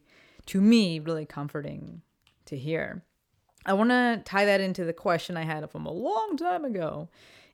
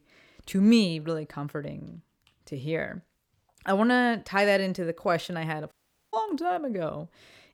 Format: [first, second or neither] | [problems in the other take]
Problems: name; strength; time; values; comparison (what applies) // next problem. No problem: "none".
first | audio cutting out; at 5.5 s